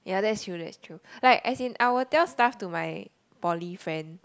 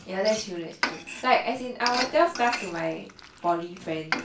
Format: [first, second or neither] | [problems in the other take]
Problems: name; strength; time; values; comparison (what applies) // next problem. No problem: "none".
first | background sound (Frying (food)); 8 dB below the speech // room echo; dies away in 0.3 s